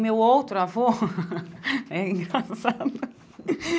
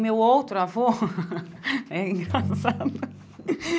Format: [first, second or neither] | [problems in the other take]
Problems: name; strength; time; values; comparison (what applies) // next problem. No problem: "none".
first | background sound (Ringtone); 8 dB below the speech